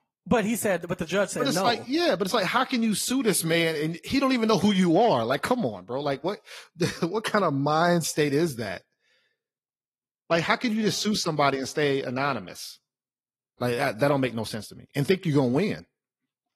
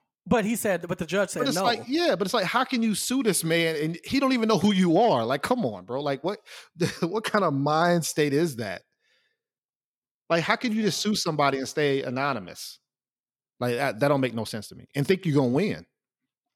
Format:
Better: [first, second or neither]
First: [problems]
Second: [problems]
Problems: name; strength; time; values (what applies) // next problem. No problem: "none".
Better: second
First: garbled, watery; slightly; nothing above 12.5 kHz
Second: none